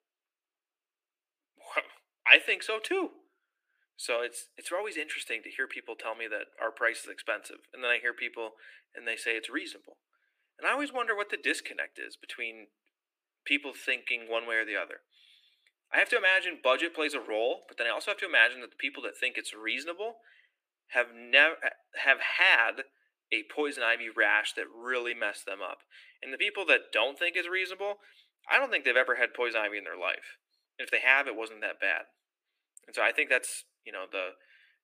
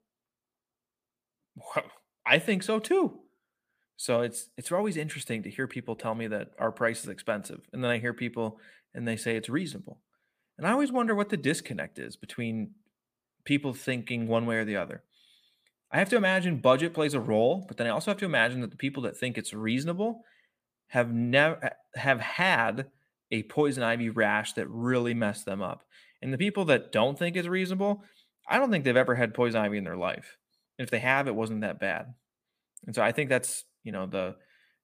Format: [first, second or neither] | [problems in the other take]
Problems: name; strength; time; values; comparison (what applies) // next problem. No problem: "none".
second | thin; very; fading below 300 Hz